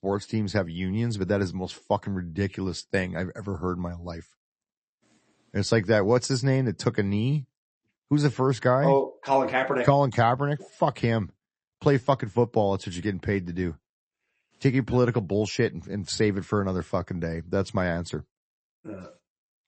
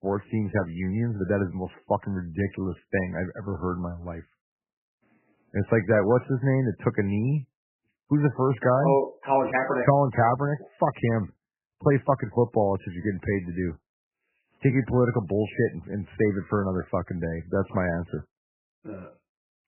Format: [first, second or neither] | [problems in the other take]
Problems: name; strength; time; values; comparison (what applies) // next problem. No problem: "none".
first | garbled, watery; badly; nothing above 3 kHz; slightly in the first